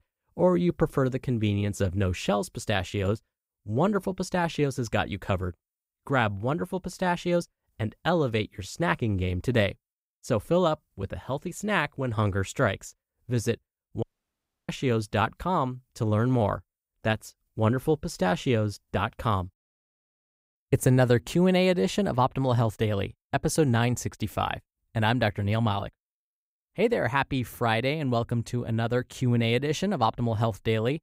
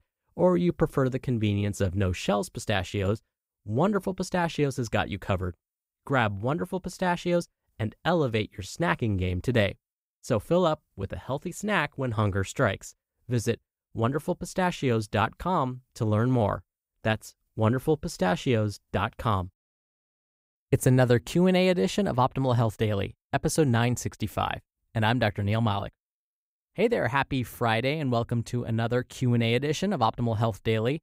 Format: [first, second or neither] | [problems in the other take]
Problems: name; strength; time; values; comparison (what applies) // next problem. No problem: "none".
second | audio cutting out; at 14 s for 0.5 s